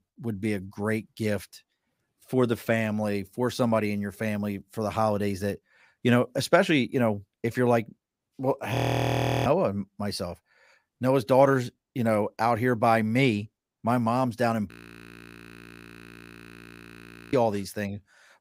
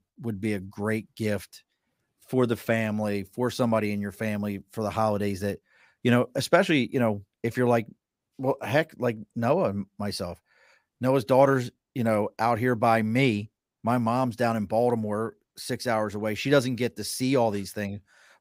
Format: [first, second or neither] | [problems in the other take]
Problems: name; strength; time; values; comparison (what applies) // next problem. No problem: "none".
second | audio freezing; at 9 s for 0.5 s and at 15 s for 2.5 s